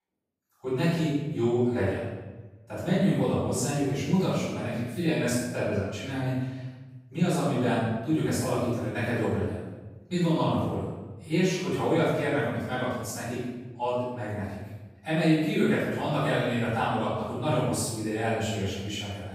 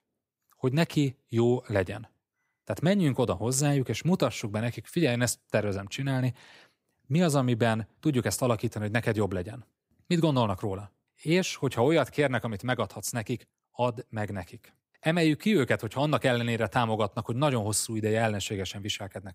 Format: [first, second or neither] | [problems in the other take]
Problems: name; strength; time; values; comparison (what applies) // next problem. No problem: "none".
second | off-mic speech; far // room echo; strong; dies away in 1 s